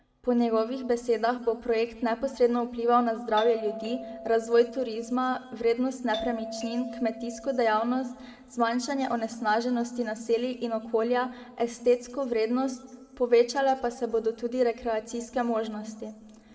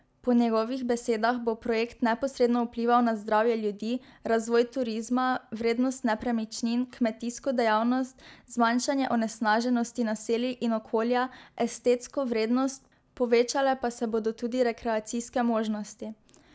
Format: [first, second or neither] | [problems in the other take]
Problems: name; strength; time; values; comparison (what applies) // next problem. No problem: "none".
second | background sound (Doorbell); 12 dB below the speech // room echo; dies away in 1.3 s